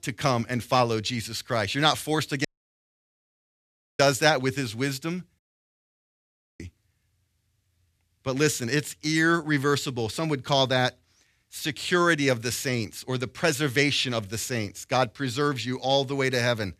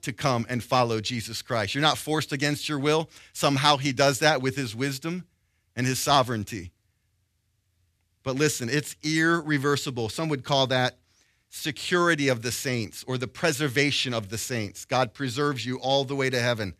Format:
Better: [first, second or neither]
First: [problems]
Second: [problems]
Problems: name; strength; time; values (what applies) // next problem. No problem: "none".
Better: second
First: audio cutting out; at 2.5 s for 1.5 s and at 5.5 s for 1 s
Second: none